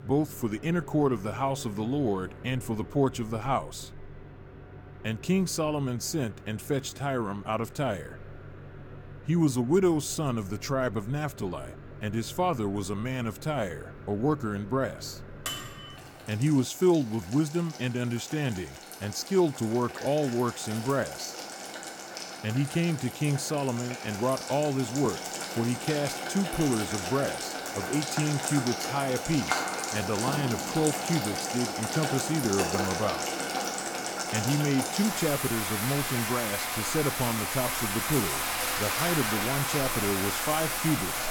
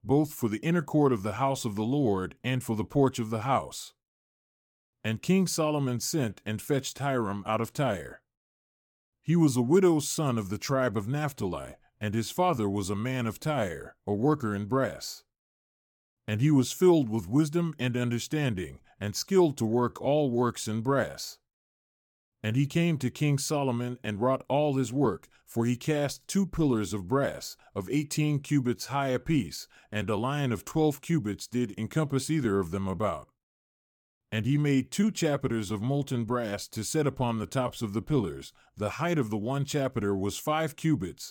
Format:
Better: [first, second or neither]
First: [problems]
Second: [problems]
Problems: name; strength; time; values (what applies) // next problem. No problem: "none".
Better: second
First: household noises; loud; throughout; 2 dB below the speech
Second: none